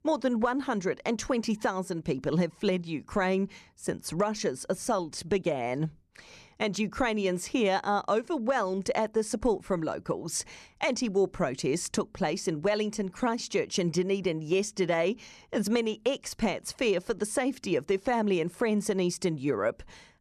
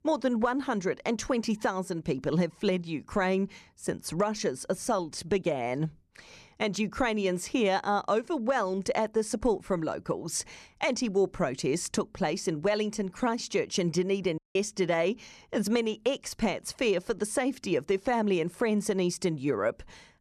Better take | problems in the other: first | audio cutting out; at 14 s

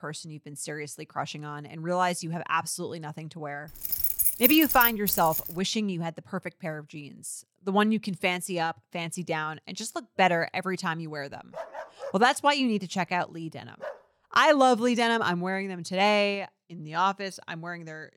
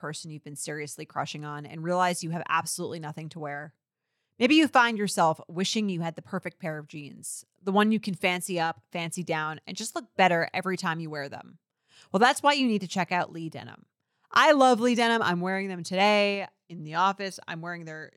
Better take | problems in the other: second | jangling keys; loud; from 4 to 5.5 s; peak 6 dB above the speech // dog barking; faint; from 12 to 14 s; peak 15 dB below the speech

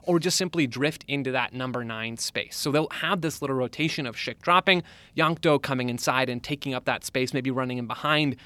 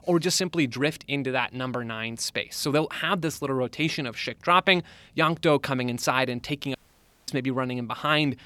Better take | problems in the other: first | audio cutting out; at 7 s for 0.5 s

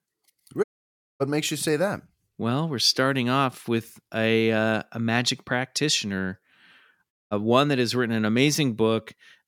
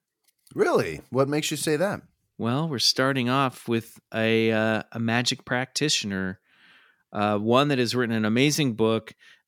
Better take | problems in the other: second | audio cutting out; at 0.5 s for 0.5 s and at 7 s

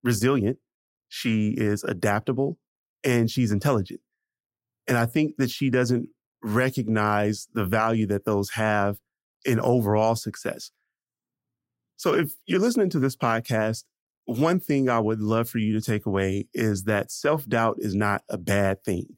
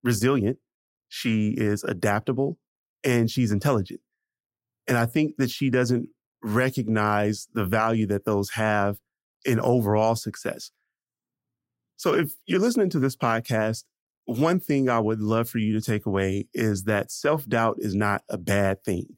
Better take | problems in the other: neither | none

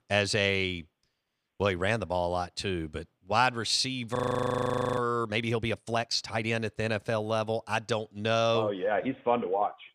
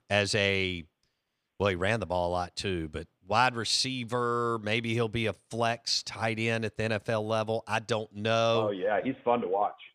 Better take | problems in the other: second | audio freezing; at 4 s for 1 s

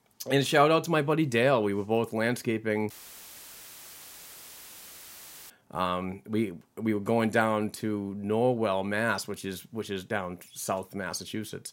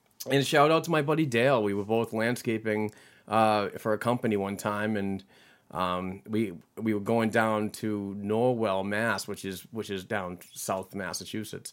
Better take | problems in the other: second | audio cutting out; filled with static; at 3 s for 2.5 s

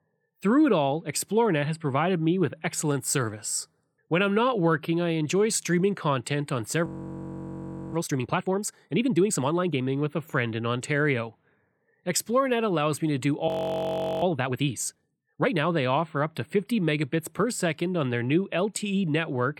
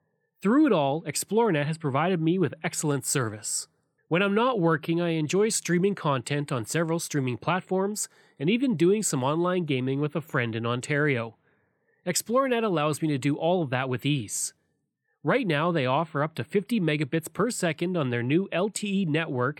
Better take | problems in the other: second | audio freezing; at 7 s for 1 s and at 13 s for 0.5 s

